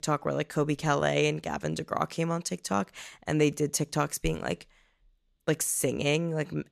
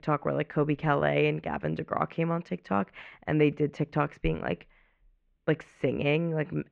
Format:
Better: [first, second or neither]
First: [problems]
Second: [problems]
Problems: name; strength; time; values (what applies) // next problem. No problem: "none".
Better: first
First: none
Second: muffled; very; fading above 2.5 kHz